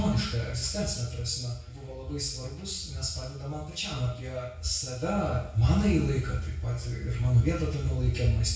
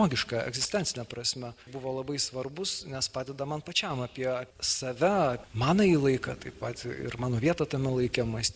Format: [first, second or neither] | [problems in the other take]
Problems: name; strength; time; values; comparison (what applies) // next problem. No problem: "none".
second | room echo; dies away in 0.6 s